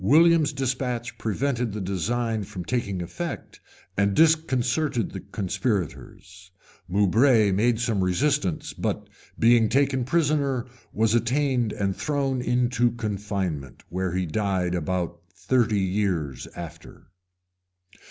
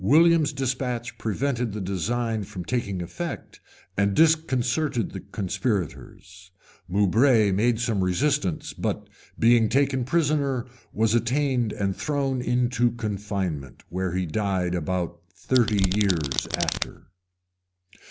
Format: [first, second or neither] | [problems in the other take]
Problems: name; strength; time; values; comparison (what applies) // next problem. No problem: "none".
first | background sound (Domestic sounds, home sounds); 5 dB below the speech